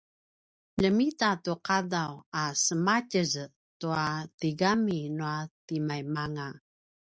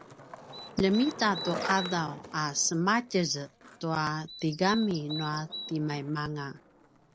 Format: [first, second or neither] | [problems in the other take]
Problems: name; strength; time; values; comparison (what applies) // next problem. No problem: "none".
first | background sound (Skateboard + Bird vocalization, bird call, bird song); 12 dB below the speech